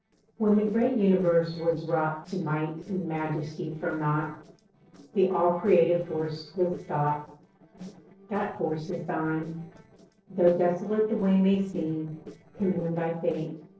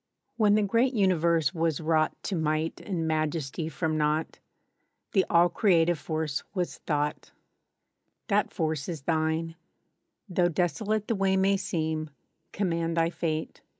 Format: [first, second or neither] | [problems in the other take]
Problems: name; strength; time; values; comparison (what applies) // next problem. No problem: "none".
second | noise reduction (neural separator model SepFormer DNS4)